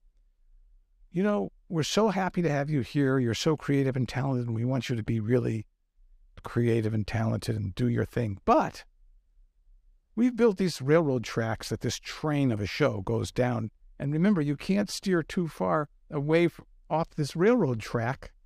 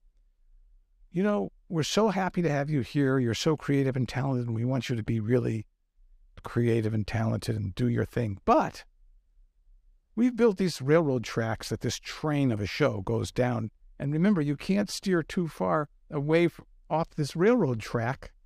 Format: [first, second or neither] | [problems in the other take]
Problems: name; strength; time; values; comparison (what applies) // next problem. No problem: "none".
neither | none